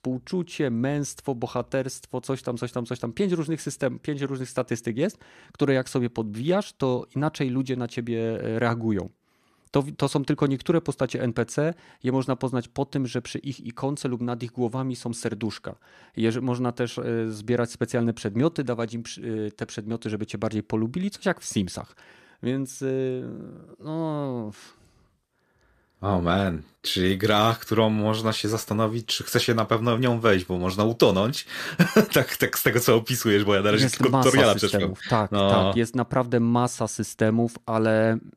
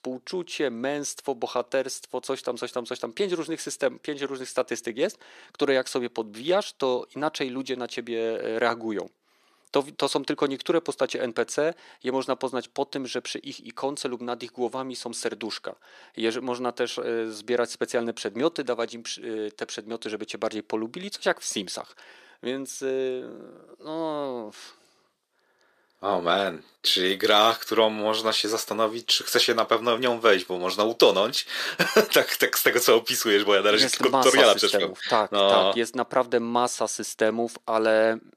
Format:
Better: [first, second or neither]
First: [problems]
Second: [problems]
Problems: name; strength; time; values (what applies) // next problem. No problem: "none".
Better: first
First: none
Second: thin; somewhat; fading below 450 Hz